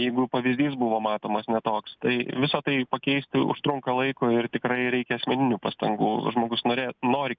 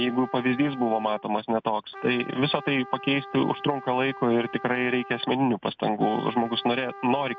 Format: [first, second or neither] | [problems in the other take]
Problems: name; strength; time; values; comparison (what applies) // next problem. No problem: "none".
first | background sound (Trumpet); 16 dB below the speech